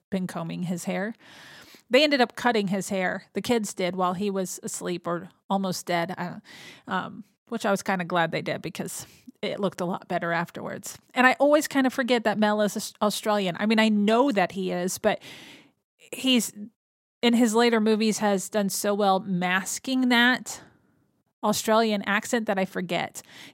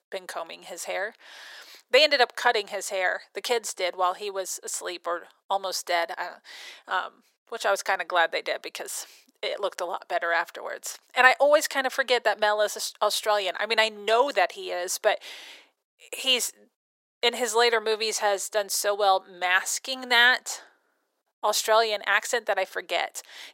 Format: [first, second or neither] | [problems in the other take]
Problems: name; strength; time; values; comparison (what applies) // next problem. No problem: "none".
first | thin; very; fading below 450 Hz